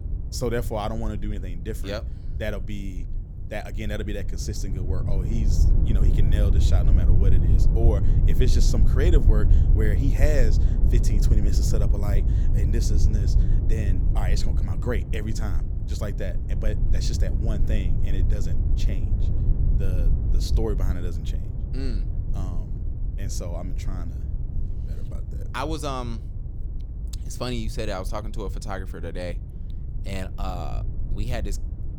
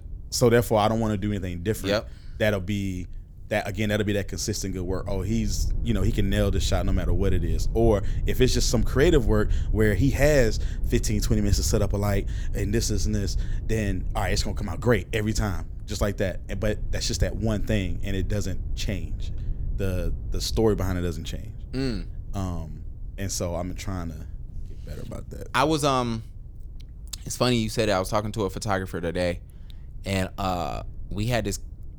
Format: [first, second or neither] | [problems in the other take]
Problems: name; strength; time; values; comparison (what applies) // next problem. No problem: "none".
second | low rumble; loud; throughout; 7 dB below the speech; faint in the second